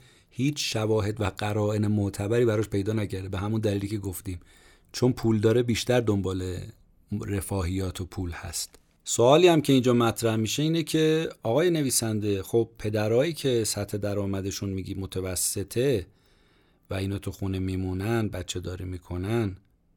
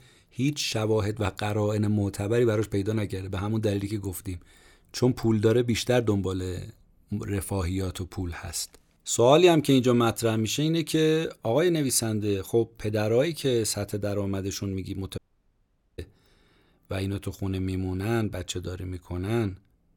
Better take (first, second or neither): first